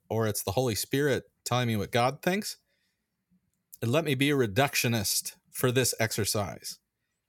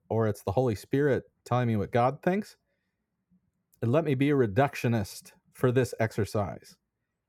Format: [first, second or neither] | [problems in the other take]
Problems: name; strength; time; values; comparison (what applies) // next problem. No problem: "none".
first | muffled; very; fading above 2.5 kHz